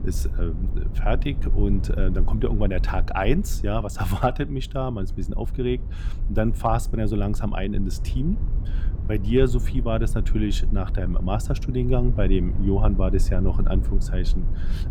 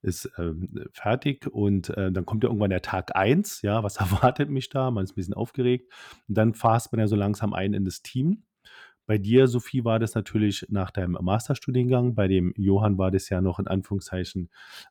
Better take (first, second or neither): second